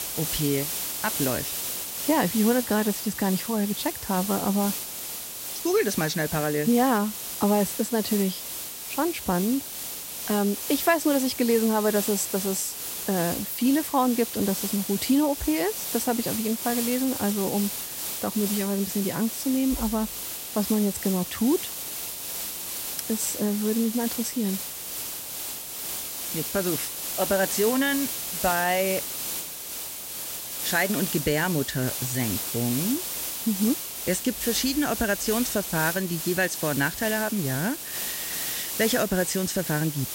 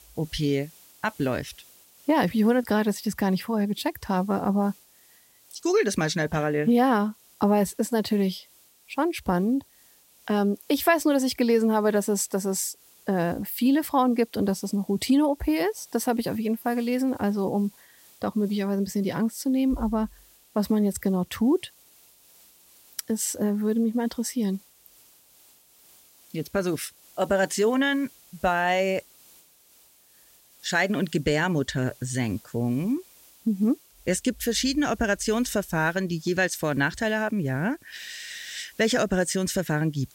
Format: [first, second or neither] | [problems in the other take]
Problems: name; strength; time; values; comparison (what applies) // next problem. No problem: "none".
second | hiss; loud; throughout; 4 dB below the speech; faint in the second